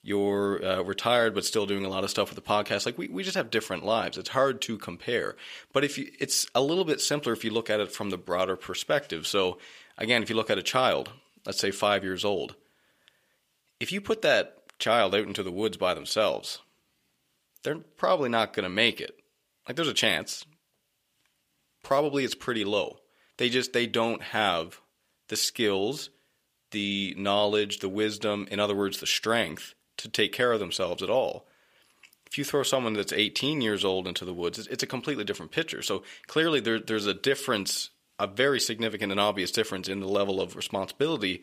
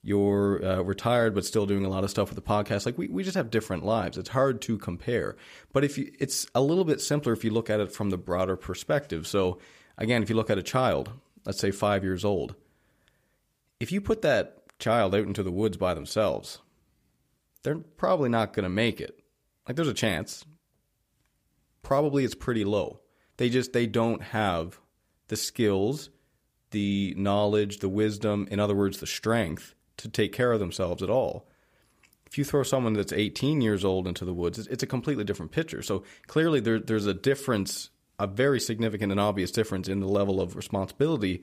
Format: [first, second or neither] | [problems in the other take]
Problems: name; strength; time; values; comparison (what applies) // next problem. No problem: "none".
second | thin; very slightly; fading below 450 Hz